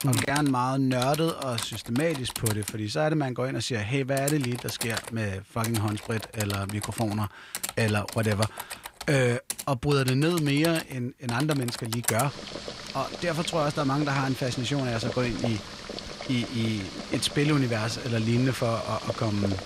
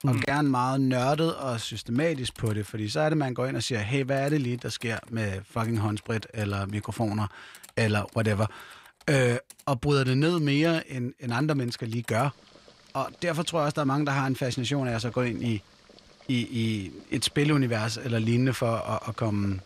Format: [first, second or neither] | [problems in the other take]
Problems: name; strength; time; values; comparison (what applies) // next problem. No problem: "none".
second | household noises; loud; throughout; 8 dB below the speech; faint in the second